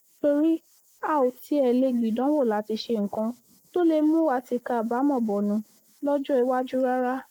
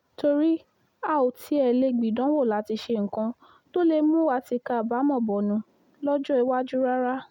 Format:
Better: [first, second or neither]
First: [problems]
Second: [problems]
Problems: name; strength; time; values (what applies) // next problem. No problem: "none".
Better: second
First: noise reduction (neural mask model Resemble Enhance denoiser)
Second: none